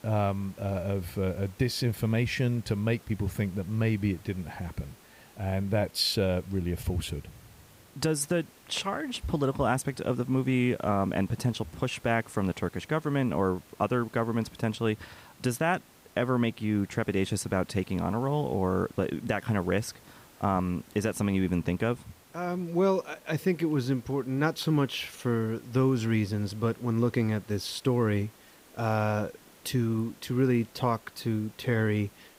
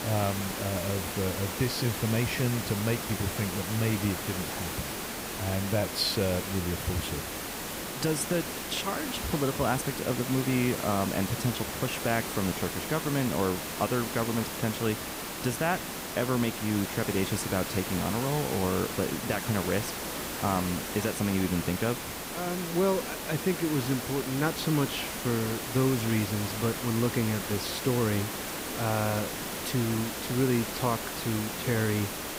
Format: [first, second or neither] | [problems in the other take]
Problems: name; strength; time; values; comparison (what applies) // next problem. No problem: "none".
first | hiss; loud; throughout; 3 dB below the speech; faint in the first